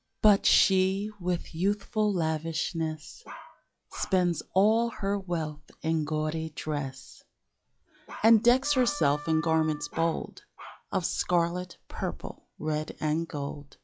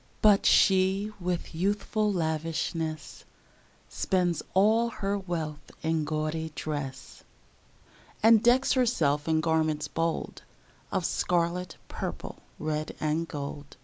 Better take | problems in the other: second | noise reduction (classical method log-MMSE)

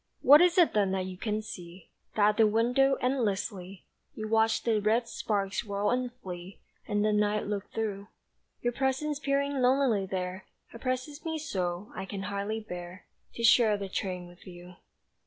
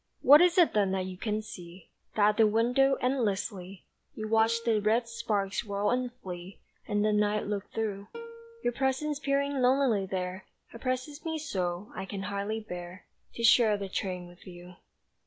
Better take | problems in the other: first | background sound (Plucked string instrument); 18 dB below the speech

